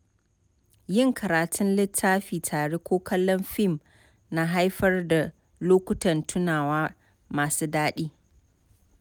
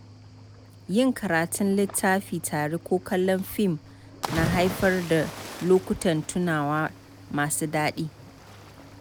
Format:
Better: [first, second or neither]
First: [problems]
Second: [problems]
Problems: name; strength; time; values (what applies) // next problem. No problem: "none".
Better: first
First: none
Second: background sound (Cricket / Waves, surf); 13 dB below the speech